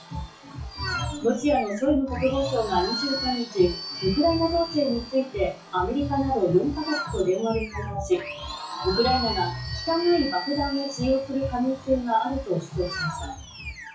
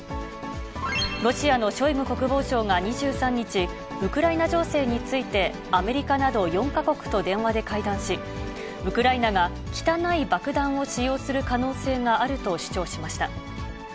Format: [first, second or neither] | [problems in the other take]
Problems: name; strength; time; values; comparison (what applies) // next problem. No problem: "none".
second | noise reduction (classical method WPE with log-MMSE)